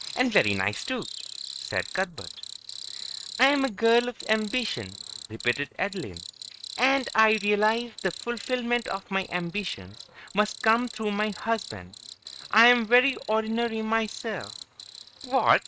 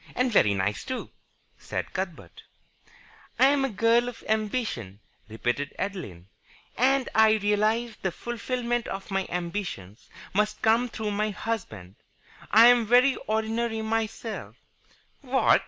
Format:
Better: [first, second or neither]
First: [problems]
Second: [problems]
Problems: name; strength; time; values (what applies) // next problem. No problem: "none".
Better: second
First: noise reduction (neural mask model RNNoise)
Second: none